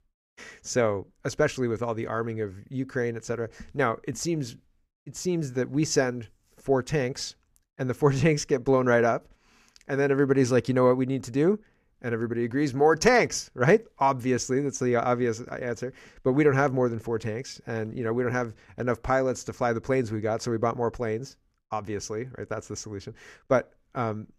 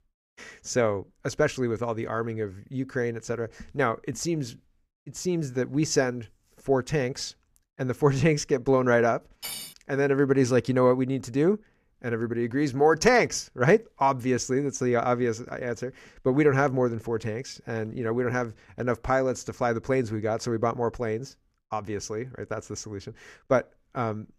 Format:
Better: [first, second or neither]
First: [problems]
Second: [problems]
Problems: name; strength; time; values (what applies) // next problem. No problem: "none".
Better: first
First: none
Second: clattering dishes; noticeable; at 9.5 s; peak 8 dB below the speech